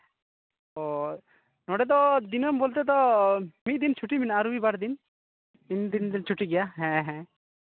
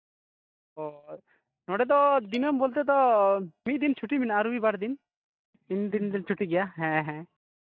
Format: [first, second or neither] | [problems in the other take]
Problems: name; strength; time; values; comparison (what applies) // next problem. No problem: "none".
first | noise reduction (neural mask model DeepFilterNet 3)